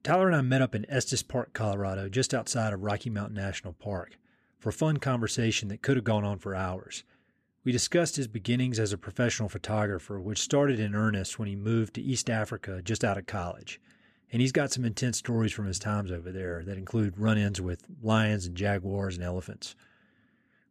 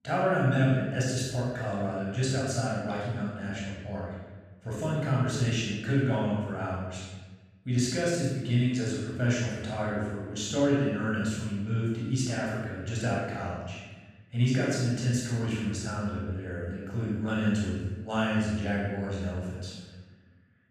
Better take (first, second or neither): first